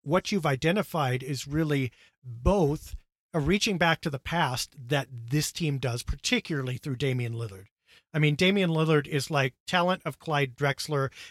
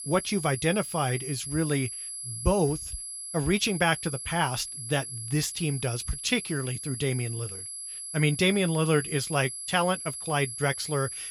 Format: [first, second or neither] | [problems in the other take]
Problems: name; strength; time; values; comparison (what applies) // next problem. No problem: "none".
first | high-pitched whine; loud; throughout; 11 kHz, 7 dB below the speech